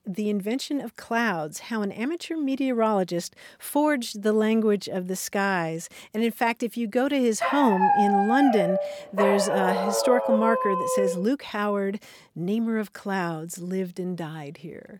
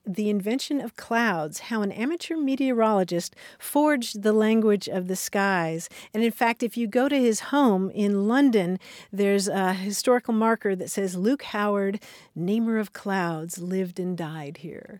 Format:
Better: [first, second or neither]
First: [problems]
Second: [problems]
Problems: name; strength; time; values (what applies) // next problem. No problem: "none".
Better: second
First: dog barking; loud; from 7.5 to 11 s; peak 5 dB above the speech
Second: none